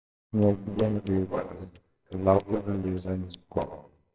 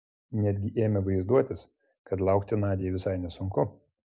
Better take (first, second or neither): second